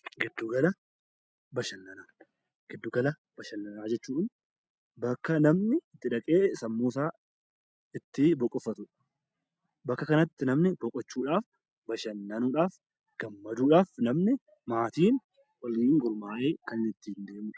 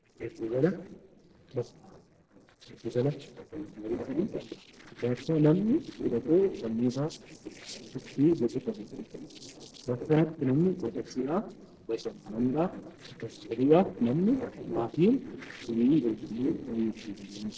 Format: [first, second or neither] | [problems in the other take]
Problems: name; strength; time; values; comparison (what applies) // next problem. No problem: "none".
first | noise reduction (neural separator model SepFormer DNS4)